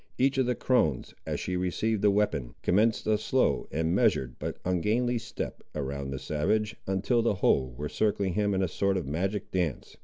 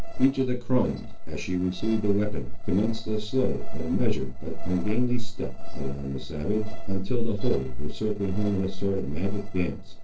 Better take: first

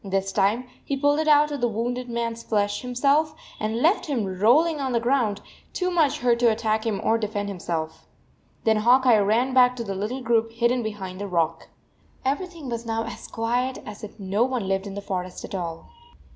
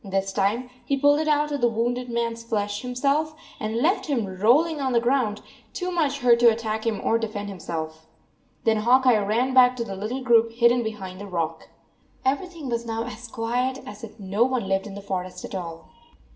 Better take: first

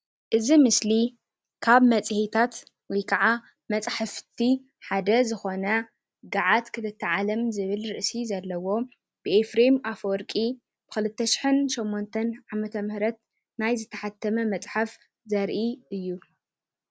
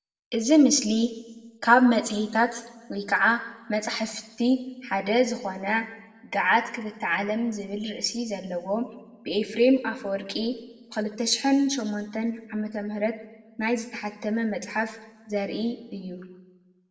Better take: first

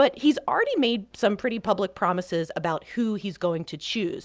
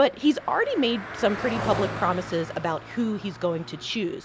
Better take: first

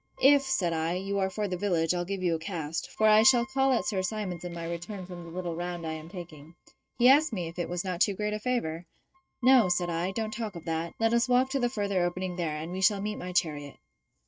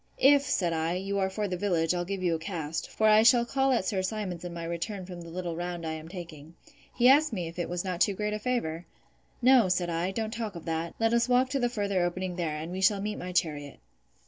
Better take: second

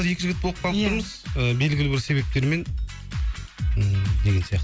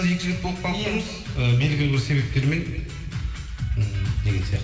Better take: first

